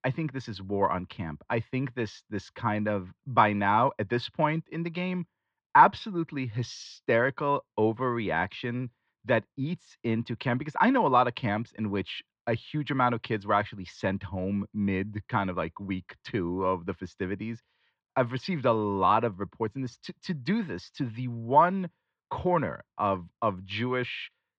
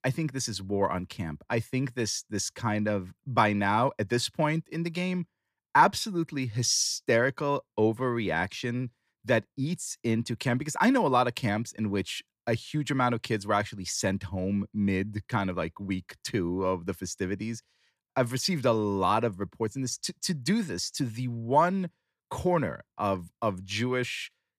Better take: second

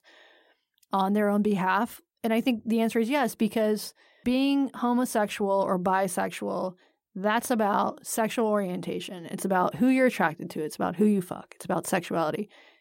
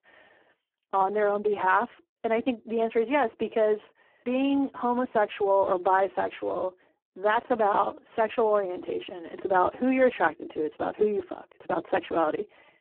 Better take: first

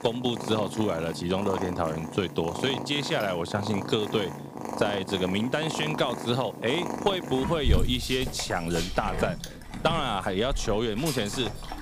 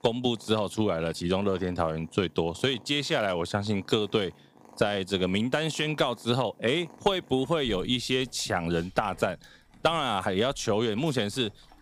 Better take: second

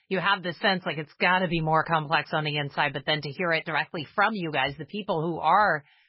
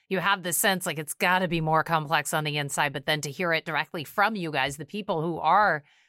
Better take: second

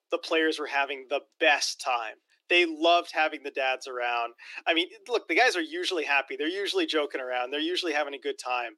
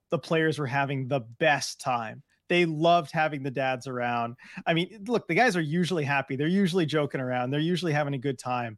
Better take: second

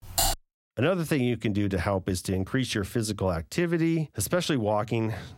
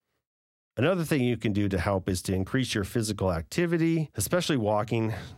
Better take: second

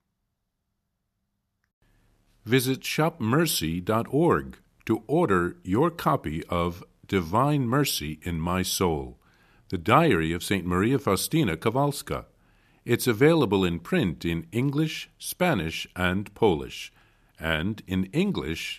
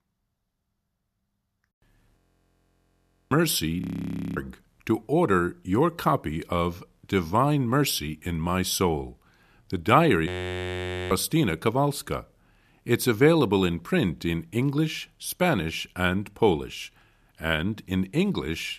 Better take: first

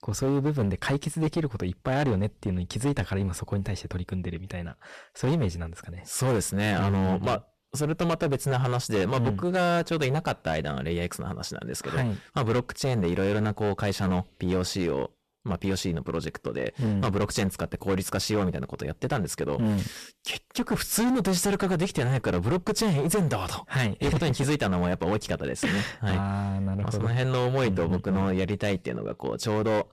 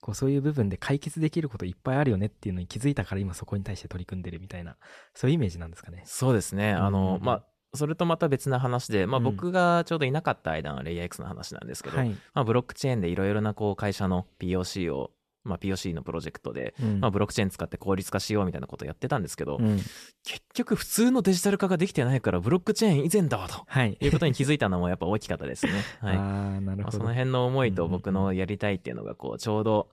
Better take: second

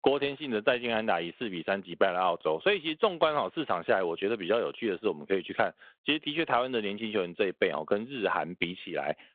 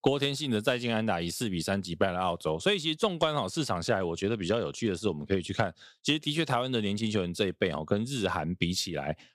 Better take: second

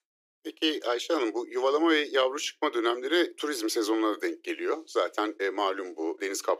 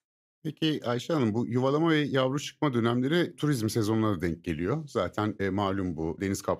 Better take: second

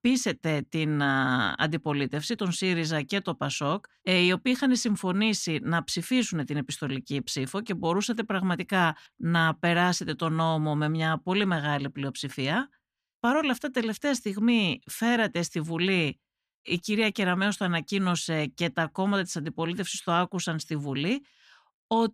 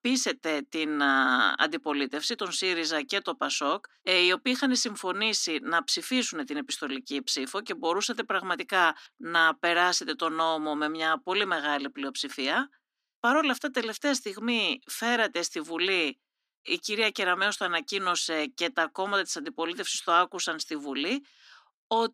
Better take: first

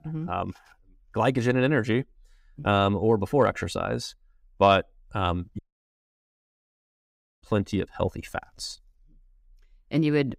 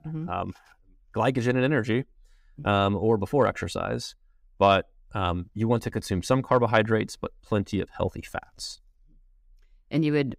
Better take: second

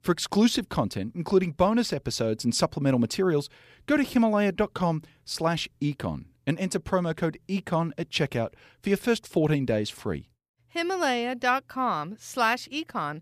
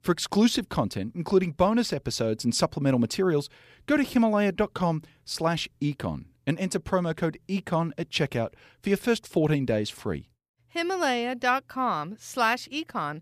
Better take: neither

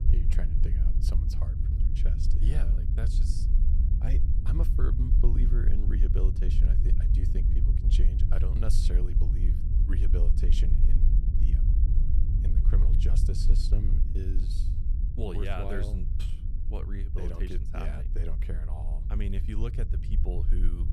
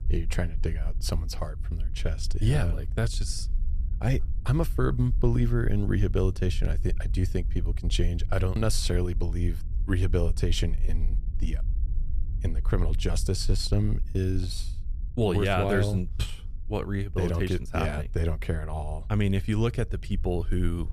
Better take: second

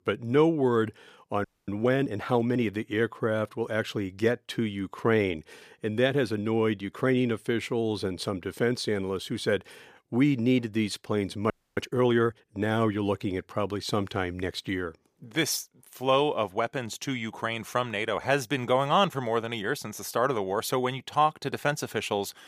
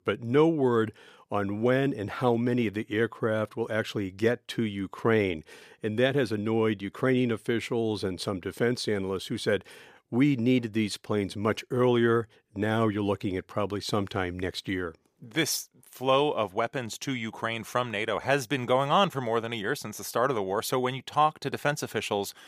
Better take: second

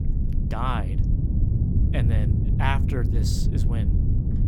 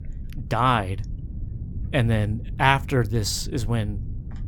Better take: second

